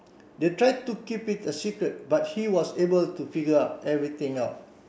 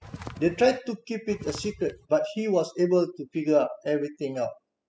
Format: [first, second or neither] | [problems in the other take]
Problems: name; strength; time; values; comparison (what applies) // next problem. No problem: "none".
first | noise reduction (classical method spectral subtraction)